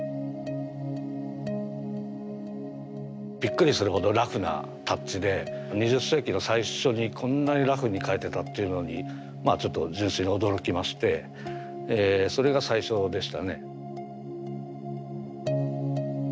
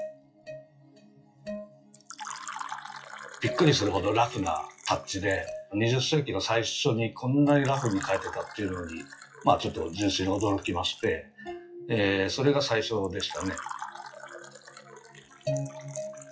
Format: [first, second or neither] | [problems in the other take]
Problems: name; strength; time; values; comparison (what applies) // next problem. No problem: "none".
first | noise reduction (classical method WPE with log-MMSE)